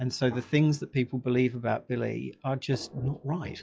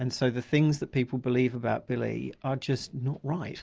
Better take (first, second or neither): second